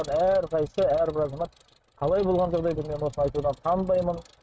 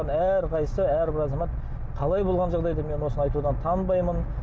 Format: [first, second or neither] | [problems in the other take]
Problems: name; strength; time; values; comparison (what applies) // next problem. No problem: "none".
second | noise reduction (neural mask model RNNoise)